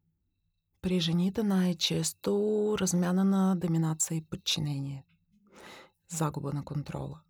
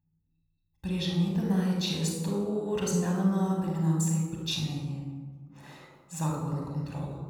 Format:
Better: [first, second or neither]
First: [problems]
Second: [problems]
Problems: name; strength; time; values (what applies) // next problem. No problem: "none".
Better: first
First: none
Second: off-mic speech; somewhat distant // room echo; noticeable; dies away in 1.2 s